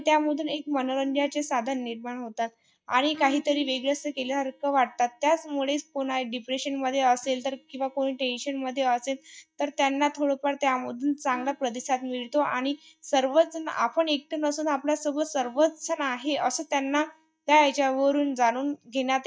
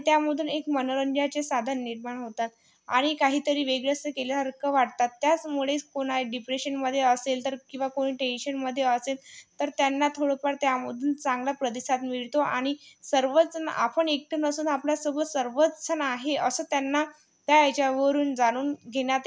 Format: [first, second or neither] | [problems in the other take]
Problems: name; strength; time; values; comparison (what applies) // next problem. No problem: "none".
second | noise reduction (neural mask model DeepFilterNet 3)